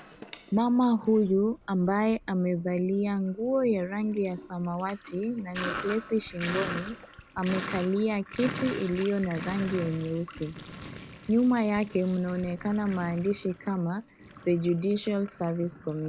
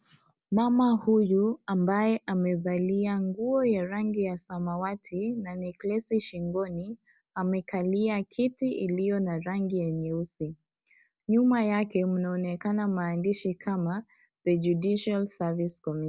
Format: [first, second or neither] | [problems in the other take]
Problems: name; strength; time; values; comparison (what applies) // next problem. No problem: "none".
second | background sound (Sink (filling or washing)); 13 dB below the speech